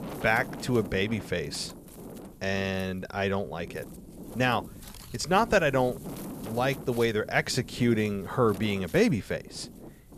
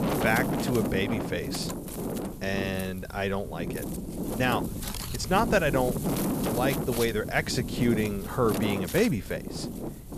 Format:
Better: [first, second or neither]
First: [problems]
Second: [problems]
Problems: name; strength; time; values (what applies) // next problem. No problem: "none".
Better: first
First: wind noise on the microphone; occasional gusts; 20 dB below the speech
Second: wind noise on the microphone; heavy; 6 dB below the speech